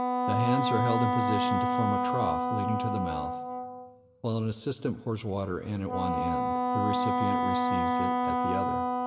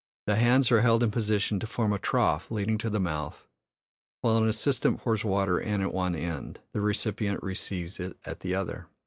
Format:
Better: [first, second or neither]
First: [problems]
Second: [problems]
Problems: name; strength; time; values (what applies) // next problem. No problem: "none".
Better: second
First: background sound (Wind instrument, woodwind instrument); 4 dB above the speech // room echo; dies away in 1.5 s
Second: none